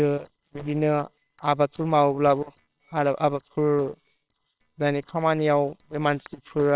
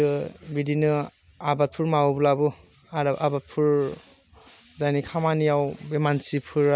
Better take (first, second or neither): second